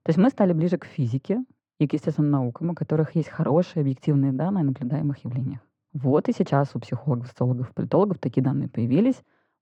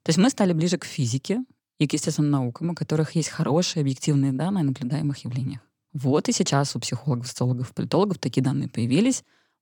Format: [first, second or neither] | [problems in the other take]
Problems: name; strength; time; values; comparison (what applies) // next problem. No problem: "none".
second | muffled; very; fading above 3.5 kHz